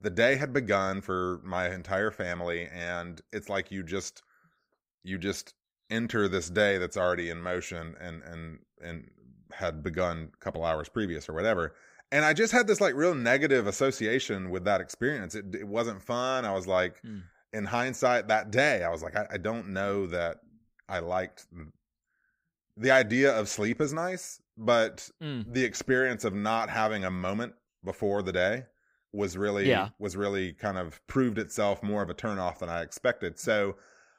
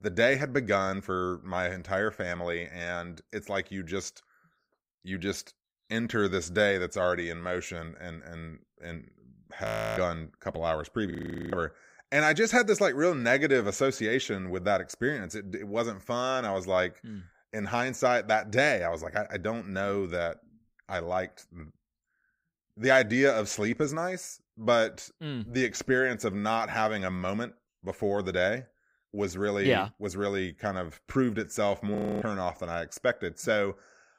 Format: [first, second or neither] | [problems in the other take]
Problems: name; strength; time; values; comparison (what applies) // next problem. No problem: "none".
first | audio freezing; at 9.5 s, at 11 s and at 32 s